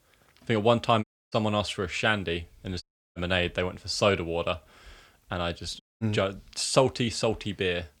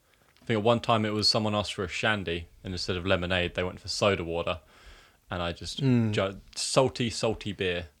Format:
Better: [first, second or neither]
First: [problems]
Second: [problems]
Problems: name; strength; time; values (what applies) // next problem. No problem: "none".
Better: second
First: audio cutting out; at 1 s, at 3 s and at 6 s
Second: none